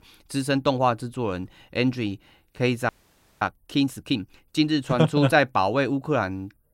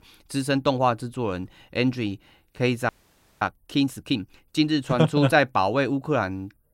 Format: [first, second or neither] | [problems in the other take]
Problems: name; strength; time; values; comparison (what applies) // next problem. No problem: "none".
neither | audio freezing; at 3 s for 0.5 s; the same in both